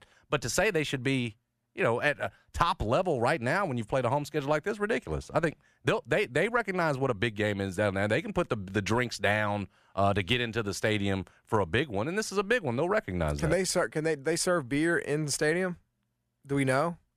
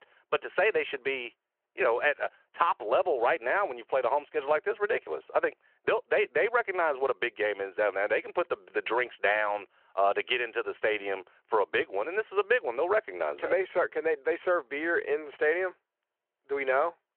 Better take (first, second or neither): first